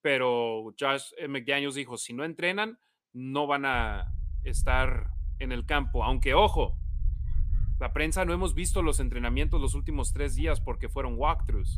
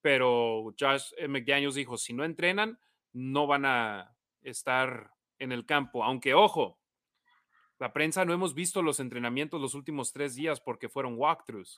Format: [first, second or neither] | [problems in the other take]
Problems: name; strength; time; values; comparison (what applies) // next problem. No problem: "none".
second | low rumble; faint; from 3.5 s on; 25 dB below the speech